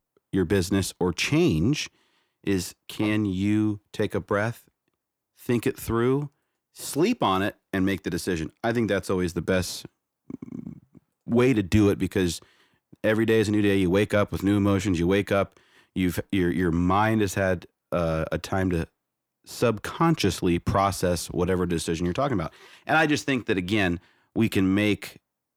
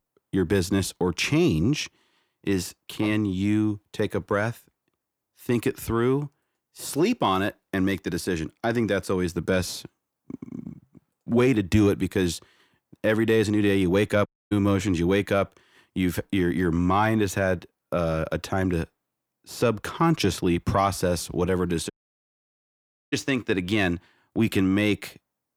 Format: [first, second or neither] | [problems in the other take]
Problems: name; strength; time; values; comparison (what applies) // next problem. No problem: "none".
first | audio cutting out; at 14 s and at 22 s for 1 s